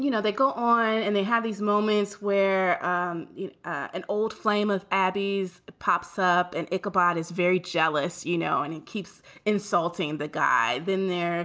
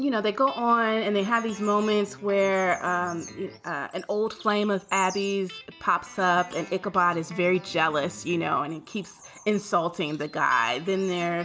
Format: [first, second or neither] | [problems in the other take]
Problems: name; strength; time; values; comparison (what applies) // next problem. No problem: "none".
first | background sound (Guitar + Bird vocalization, bird call, bird song); 20 dB below the speech